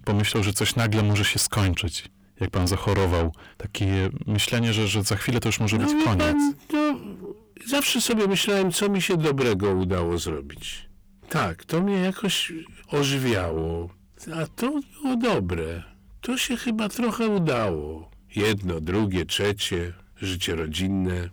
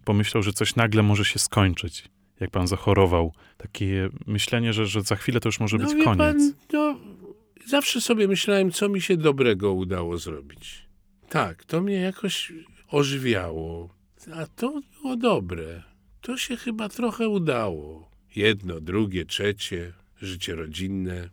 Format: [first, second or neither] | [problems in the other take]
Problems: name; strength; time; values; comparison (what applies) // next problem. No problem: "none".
second | distortion; heavy; 7 dB below the speech